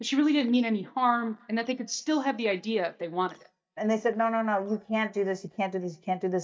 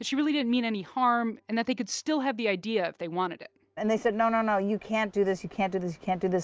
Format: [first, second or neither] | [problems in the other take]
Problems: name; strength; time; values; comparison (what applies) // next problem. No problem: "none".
second | noise reduction (neural mask model DeepFilterNet 3)